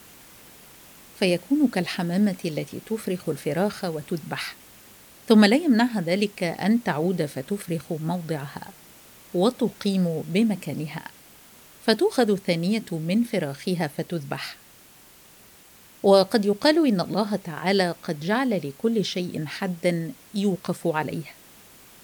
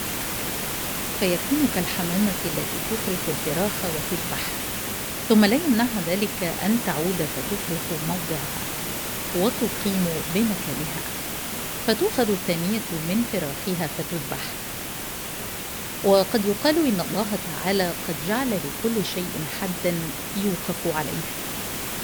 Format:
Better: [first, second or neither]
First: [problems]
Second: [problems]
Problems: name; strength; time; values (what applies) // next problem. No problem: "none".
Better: first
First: hiss; faint; throughout; 25 dB below the speech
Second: hiss; loud; throughout; 2 dB below the speech